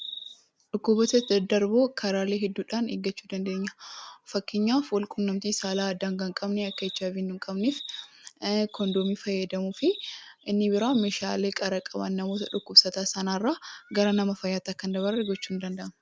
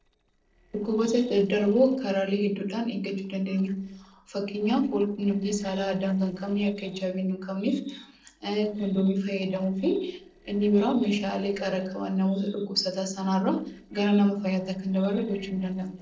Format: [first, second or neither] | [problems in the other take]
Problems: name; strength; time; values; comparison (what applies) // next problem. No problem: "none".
first | noise reduction (neural separator model SepFormer DNS4)